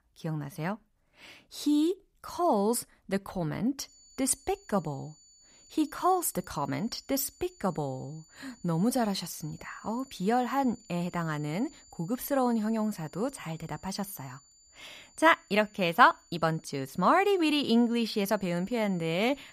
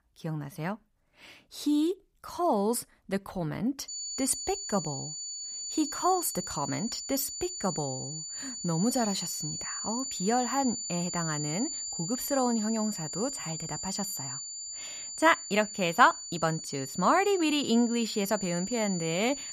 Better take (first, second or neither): first